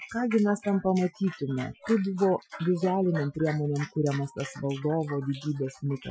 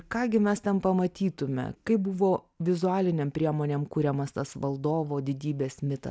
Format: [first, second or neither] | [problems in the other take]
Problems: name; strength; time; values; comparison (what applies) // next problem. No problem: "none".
second | noise reduction (classical method Wiener filter)